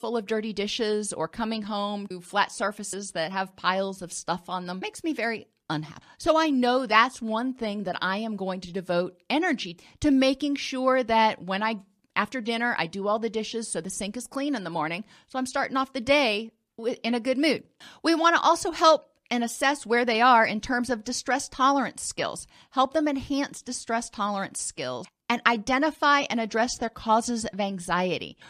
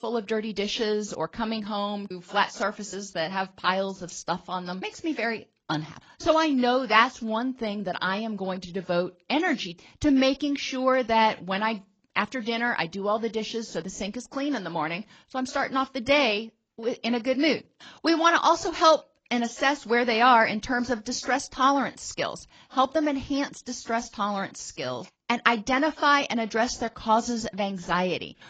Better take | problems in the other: first | garbled, watery; badly; nothing above 7.5 kHz

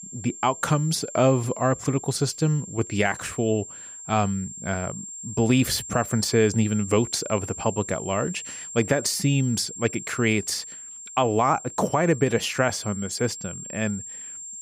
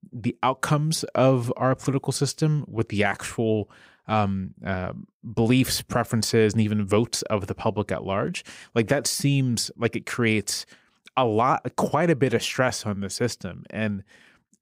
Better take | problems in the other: second | high-pitched whine; noticeable; throughout; 7.5 kHz, 10 dB below the speech

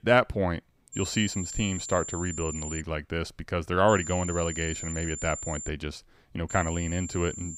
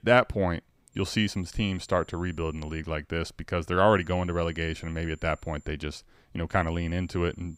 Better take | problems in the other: second | high-pitched whine; loud; from 1 to 3 s, from 4 to 5.5 s and from 6.5 s on; 7 kHz, 7 dB below the speech; faint in the second

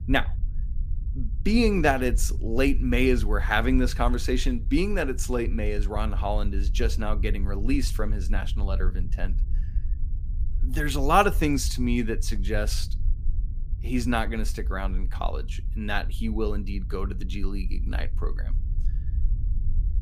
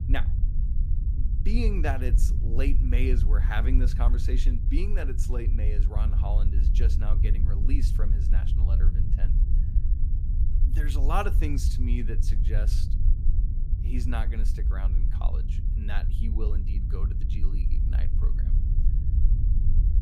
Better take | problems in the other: first | low rumble; loud; throughout; 8 dB below the speech; faint in the first

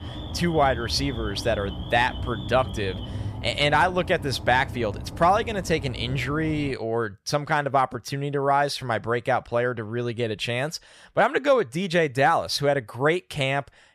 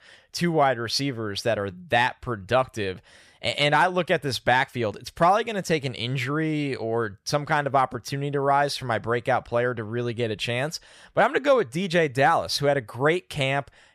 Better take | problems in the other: second | alarm; noticeable; until 6.5 s; peak 8 dB below the speech

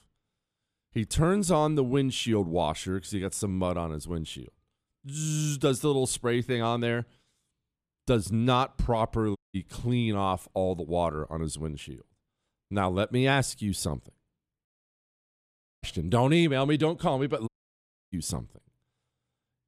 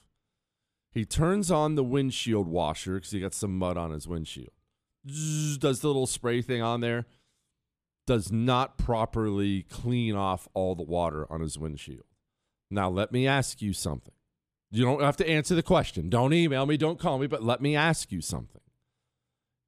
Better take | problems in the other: second | audio cutting out; at 9.5 s, at 15 s for 1 s and at 17 s for 0.5 s

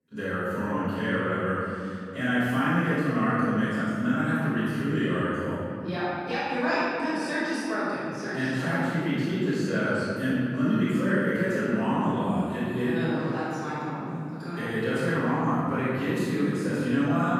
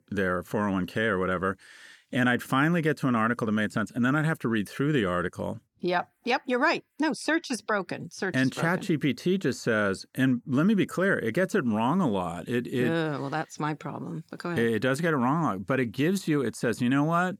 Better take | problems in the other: second | room echo; strong; dies away in 2.4 s // off-mic speech; far

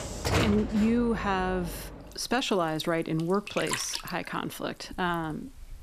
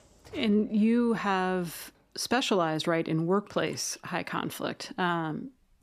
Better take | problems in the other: second | household noises; loud; throughout; 5 dB below the speech; faint in the second

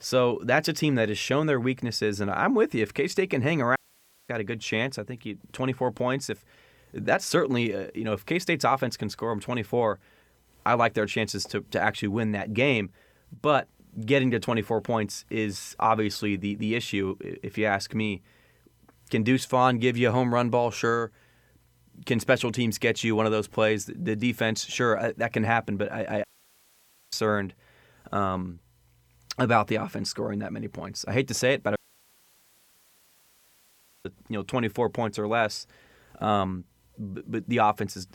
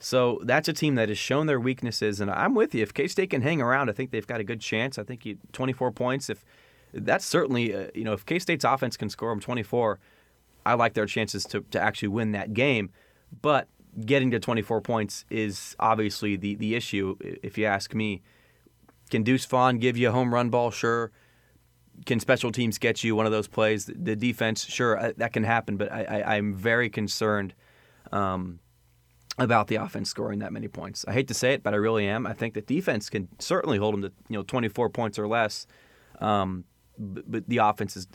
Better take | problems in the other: second | audio cutting out; at 4 s for 0.5 s, at 26 s for 1 s and at 32 s for 2.5 s

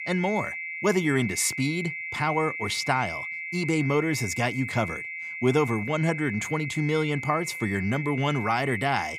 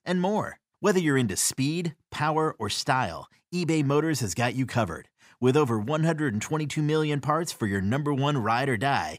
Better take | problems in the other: second | high-pitched whine; loud; throughout; 2 kHz, 6 dB below the speech

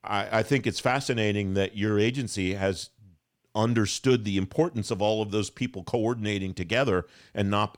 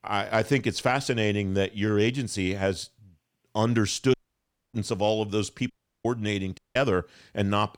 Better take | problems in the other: first | audio cutting out; at 4 s for 0.5 s, at 5.5 s and at 6.5 s

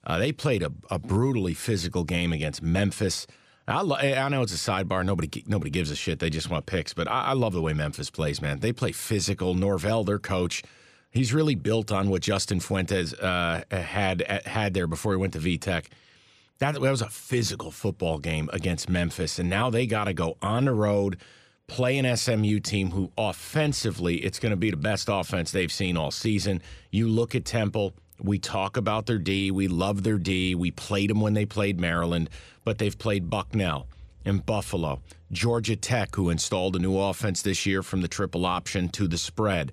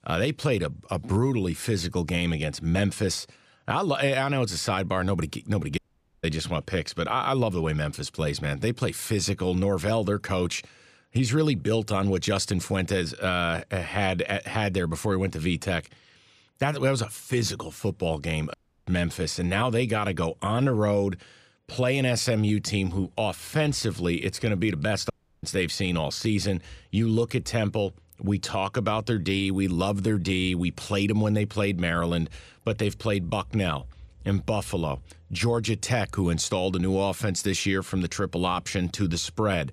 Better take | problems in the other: first | audio cutting out; at 6 s, at 19 s and at 25 s

